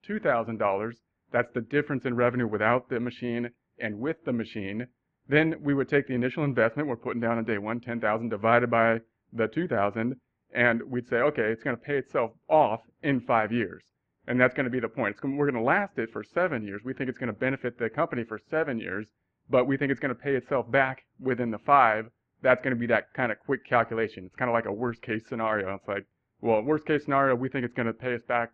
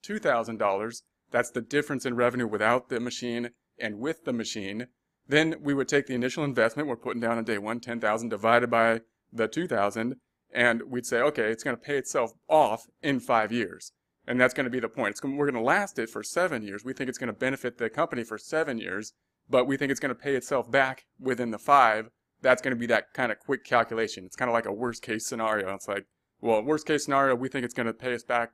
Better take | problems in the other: second | muffled; very; fading above 2.5 kHz

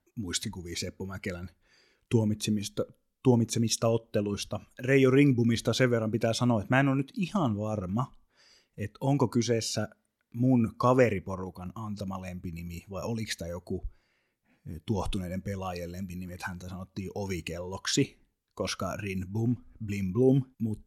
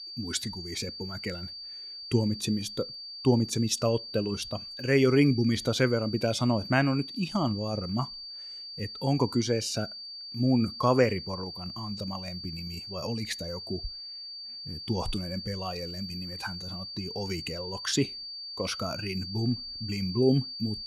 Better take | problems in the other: first | high-pitched whine; loud; throughout; 4.5 kHz, 9 dB below the speech

